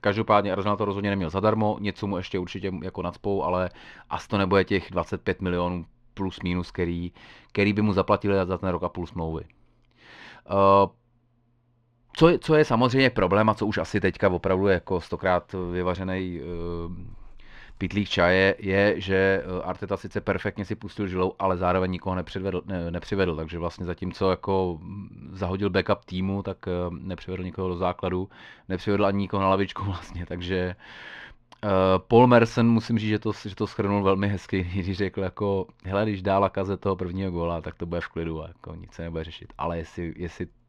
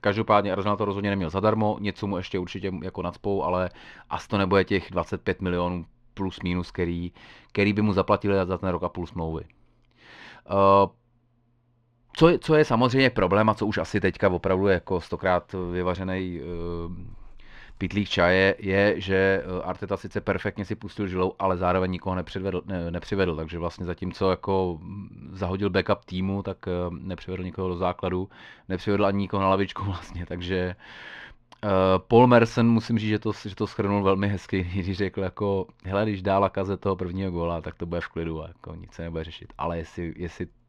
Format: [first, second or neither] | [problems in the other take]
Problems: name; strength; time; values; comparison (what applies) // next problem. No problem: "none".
neither | muffled; slightly; fading above 3 kHz; the same in both